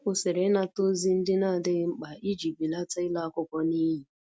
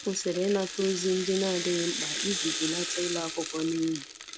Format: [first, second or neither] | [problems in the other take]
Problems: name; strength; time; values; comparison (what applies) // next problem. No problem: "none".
first | background sound (Rattle (instrument)); 5 dB below the speech